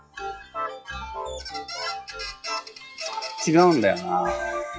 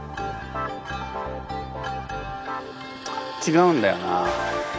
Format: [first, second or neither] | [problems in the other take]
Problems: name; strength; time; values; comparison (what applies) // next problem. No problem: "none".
second | noise reduction (classical method log-MMSE)